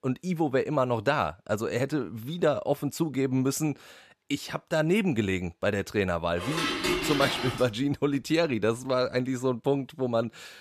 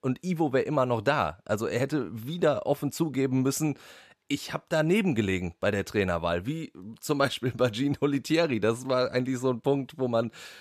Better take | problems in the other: second | clattering dishes; loud; from 6.5 to 7.5 s; peak 1 dB above the speech

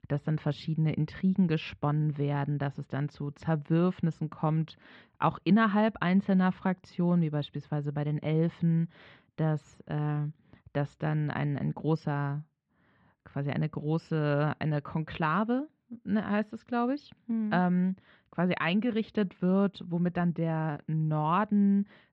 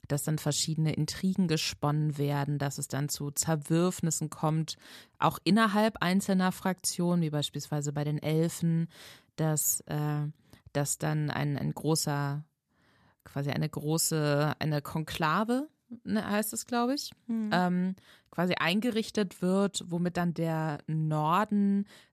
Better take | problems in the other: second | muffled; very; fading above 3 kHz

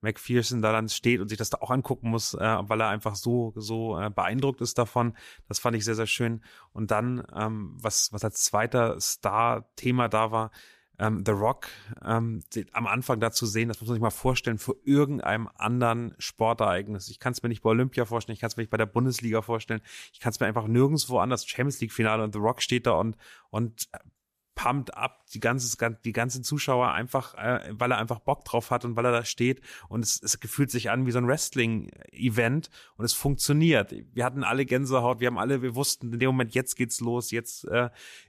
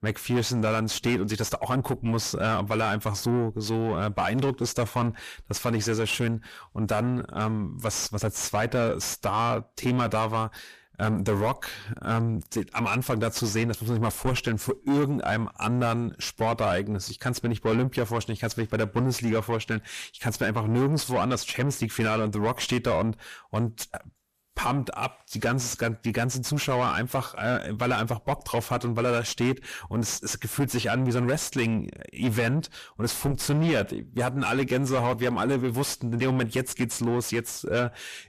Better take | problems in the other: first | distortion; heavy; 7 dB below the speech

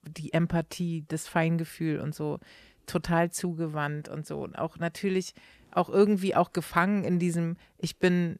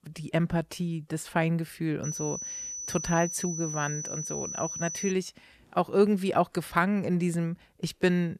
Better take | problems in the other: first | high-pitched whine; loud; from 2 to 5 s; 6 kHz, 5 dB below the speech

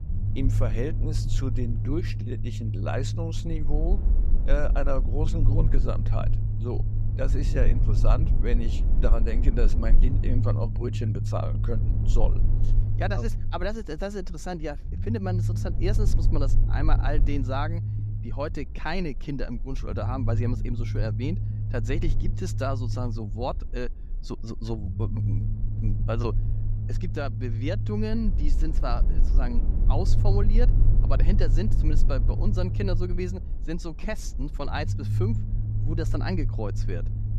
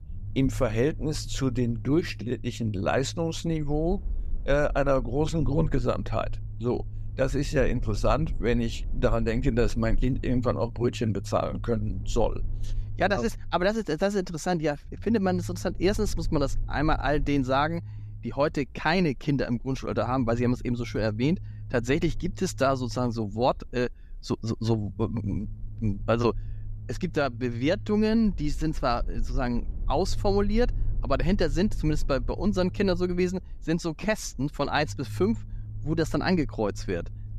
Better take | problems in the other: second | low rumble; loud; throughout; 8 dB below the speech; faint in the second

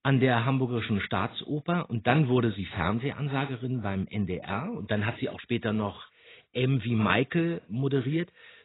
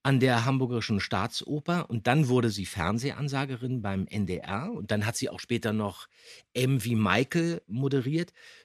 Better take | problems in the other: second | garbled, watery; badly; nothing above 4 kHz

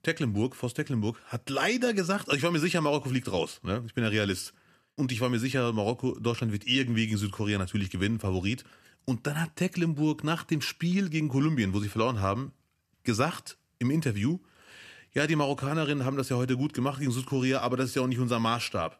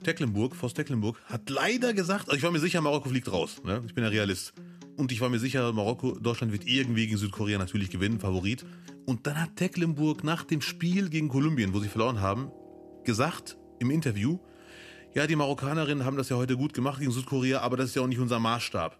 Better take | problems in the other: first | background music; faint; throughout; 20 dB below the speech

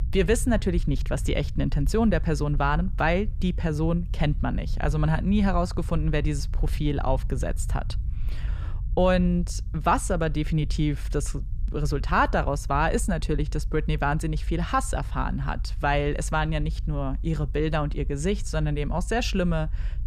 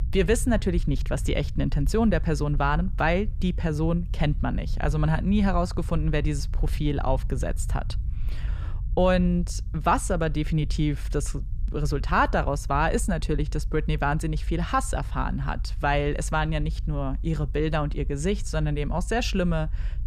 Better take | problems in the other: neither | low rumble; faint; throughout; 25 dB below the speech; the same in both

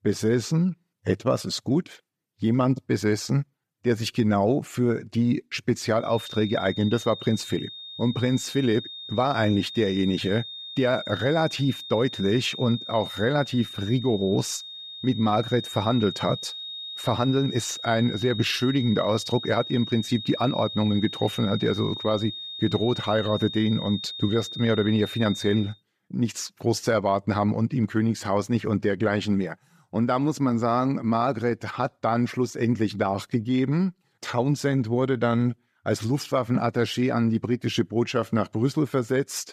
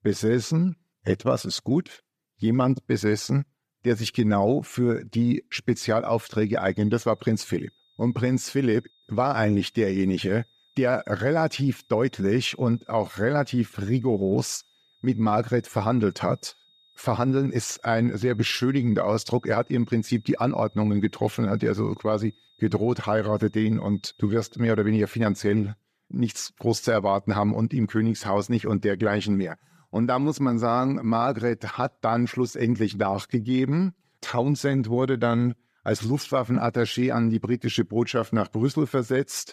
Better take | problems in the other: second | high-pitched whine; loud; from 6 to 26 s; 3.5 kHz, 9 dB below the speech; faint in the second

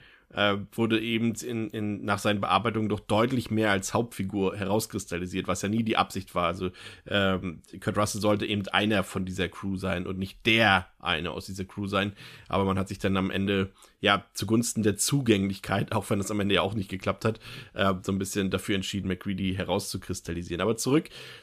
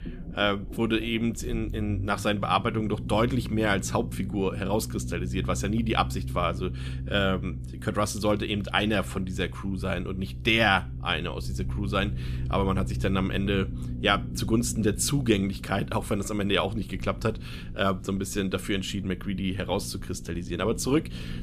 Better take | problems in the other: first | low rumble; noticeable; throughout; 20 dB below the speech

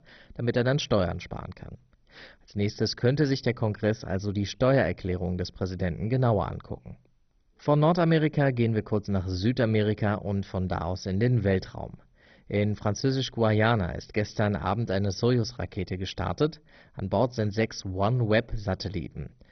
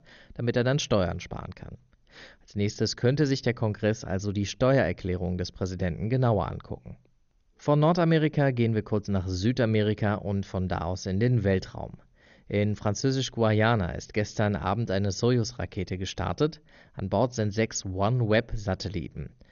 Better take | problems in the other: second | garbled, watery; badly; nothing above 6 kHz; slightly in the second

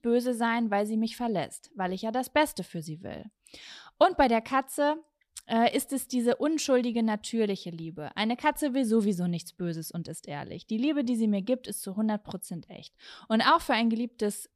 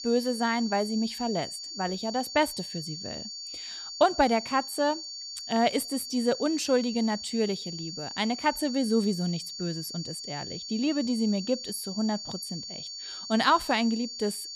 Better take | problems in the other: first | high-pitched whine; loud; throughout; 4.5 kHz, 8 dB below the speech

